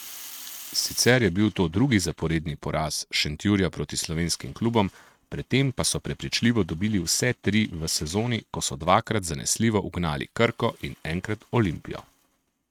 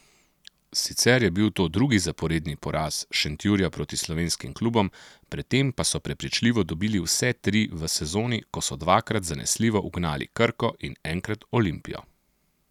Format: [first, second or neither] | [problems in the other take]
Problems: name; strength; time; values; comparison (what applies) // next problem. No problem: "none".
second | noise reduction (neural mask model RNNoise)